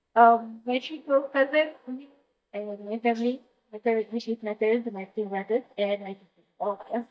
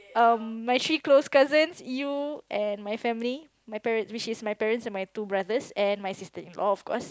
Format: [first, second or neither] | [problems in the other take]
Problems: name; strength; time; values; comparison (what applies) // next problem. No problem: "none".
second | noise reduction (neural mask model DeepFilterNet 3)